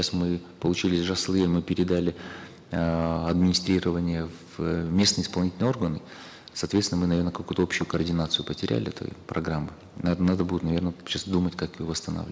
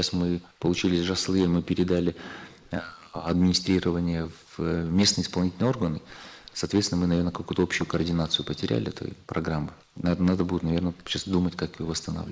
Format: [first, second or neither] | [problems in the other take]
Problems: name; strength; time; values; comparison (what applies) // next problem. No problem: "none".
first | noise reduction (neural mask model Resemble Enhance denoiser)